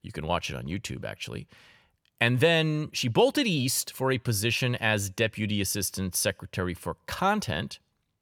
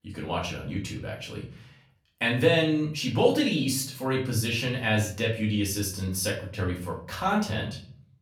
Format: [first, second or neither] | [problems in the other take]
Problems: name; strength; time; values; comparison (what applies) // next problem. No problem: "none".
first | room echo; slight; dies away in 0.4 s // off-mic speech; far